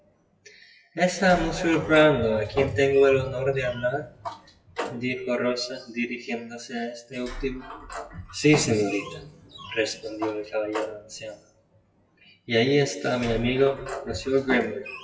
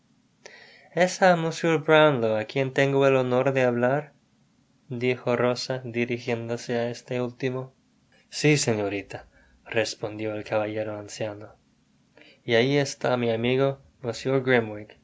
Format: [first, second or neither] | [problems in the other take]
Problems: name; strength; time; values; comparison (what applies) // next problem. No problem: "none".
second | noise reduction (classical method WPE with log-MMSE)